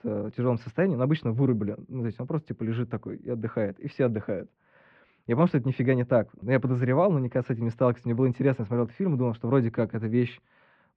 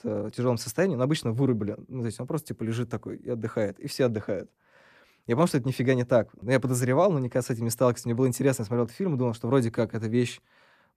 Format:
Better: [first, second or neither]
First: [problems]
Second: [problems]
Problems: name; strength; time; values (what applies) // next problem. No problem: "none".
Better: second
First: muffled; very; fading above 3 kHz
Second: none